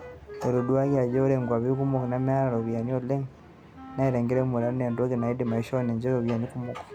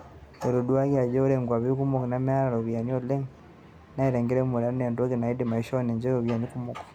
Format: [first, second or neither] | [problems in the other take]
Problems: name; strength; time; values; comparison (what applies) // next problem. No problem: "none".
second | background sound (Wind instrument, woodwind instrument); 18 dB below the speech